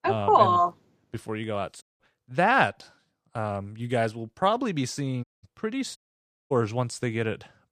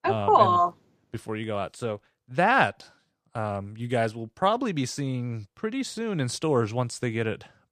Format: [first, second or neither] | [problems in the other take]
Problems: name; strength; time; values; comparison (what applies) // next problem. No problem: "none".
second | audio cutting out; at 2 s, at 5 s and at 6 s for 0.5 s